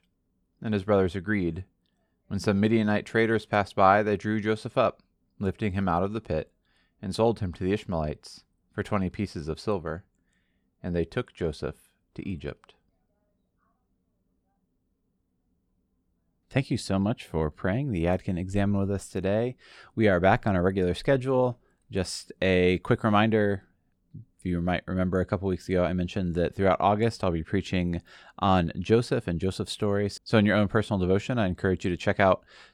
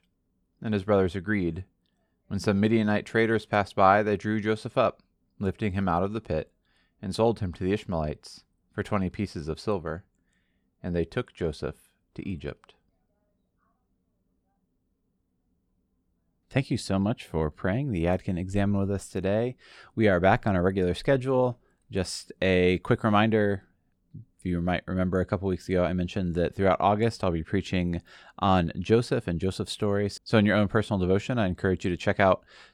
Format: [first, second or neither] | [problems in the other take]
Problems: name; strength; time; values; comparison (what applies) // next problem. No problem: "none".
neither | none